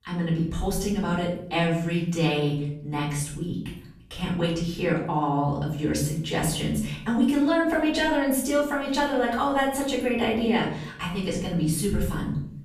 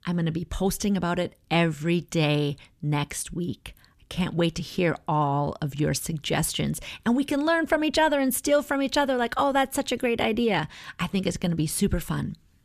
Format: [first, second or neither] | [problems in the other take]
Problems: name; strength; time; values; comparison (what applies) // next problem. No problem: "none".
second | off-mic speech; far // room echo; noticeable; dies away in 0.6 s